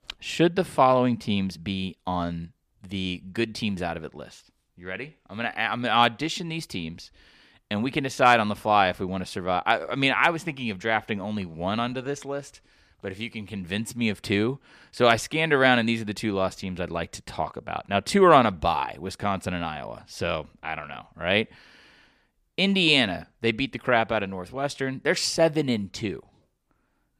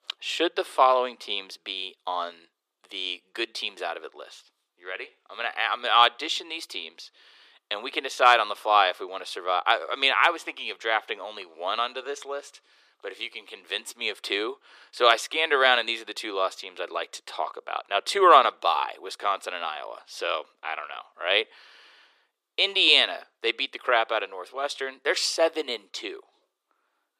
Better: first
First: none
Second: thin; very; fading below 350 Hz

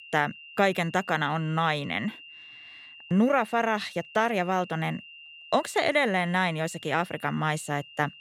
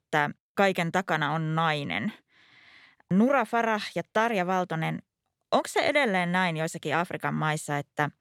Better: second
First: high-pitched whine; noticeable; throughout; 3 kHz, 20 dB below the speech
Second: none

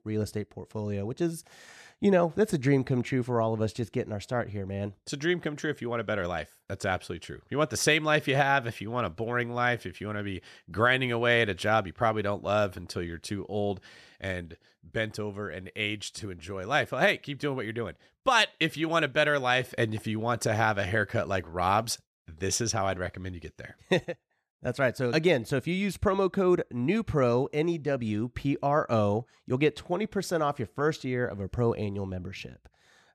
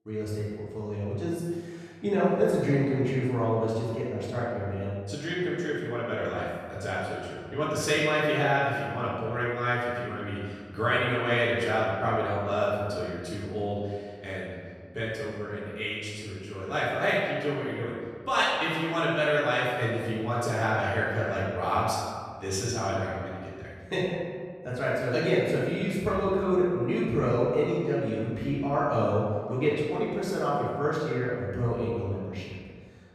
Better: first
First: none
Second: room echo; strong; dies away in 1.6 s // off-mic speech; far

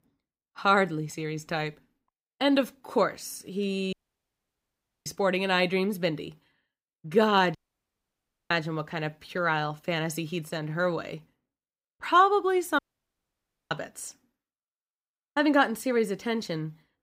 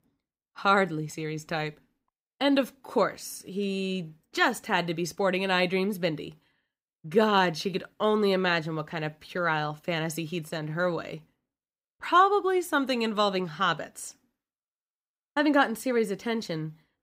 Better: second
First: audio cutting out; at 4 s for 1 s, at 7.5 s for 1 s and at 13 s for 1 s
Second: none

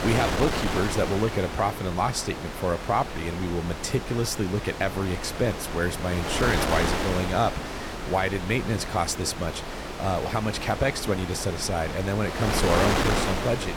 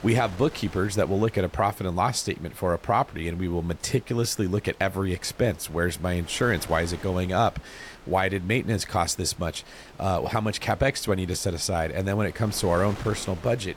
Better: second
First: wind noise on the microphone; heavy; 3 dB below the speech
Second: wind noise on the microphone; occasional gusts; 20 dB below the speech

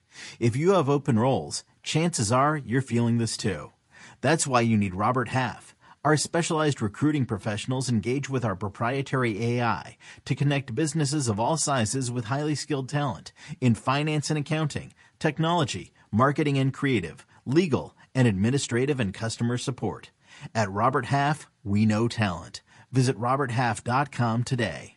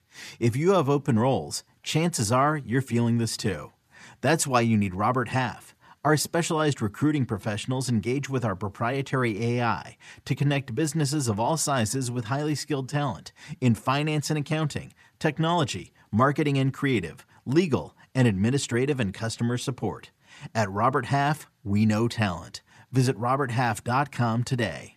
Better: second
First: garbled, watery; slightly; nothing above 11 kHz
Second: none

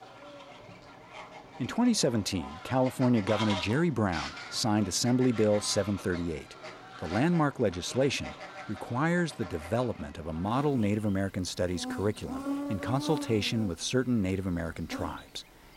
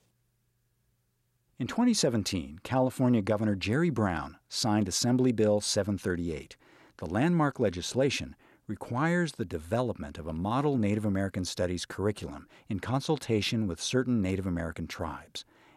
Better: second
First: animal sounds; noticeable; throughout; 10 dB below the speech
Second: none

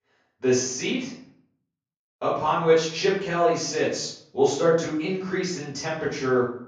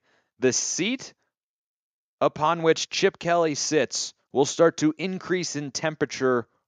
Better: second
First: room echo; noticeable; dies away in 0.6 s // off-mic speech; far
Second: none

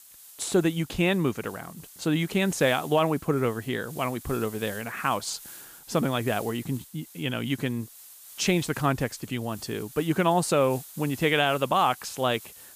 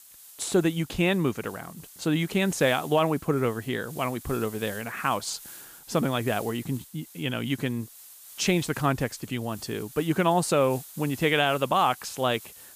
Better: neither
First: hiss; noticeable; throughout; 15 dB below the speech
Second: hiss; noticeable; throughout; 15 dB below the speech

